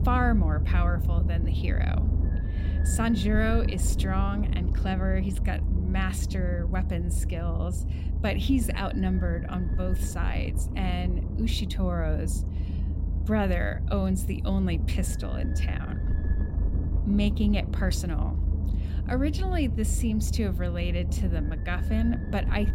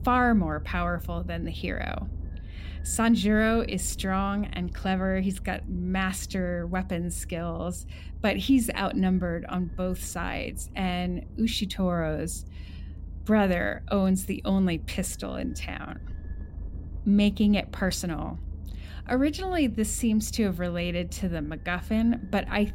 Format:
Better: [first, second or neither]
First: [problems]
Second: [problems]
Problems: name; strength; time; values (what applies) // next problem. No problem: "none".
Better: second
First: low rumble; loud; throughout; 9 dB below the speech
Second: low rumble; faint; throughout; 25 dB below the speech